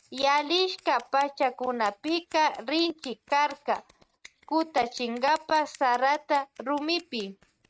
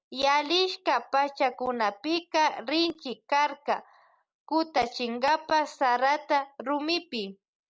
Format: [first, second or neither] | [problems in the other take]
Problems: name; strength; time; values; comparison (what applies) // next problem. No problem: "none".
second | noise reduction (neural mask model RNNoise)